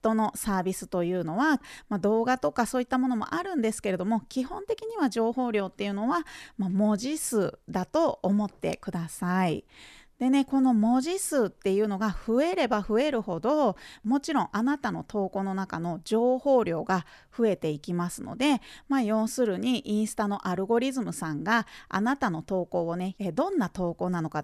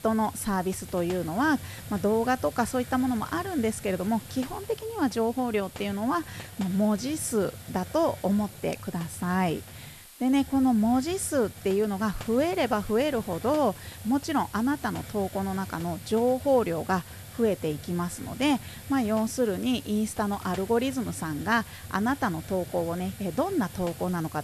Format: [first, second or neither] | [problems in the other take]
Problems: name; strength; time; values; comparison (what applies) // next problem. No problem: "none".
first | hiss; noticeable; throughout; 15 dB below the speech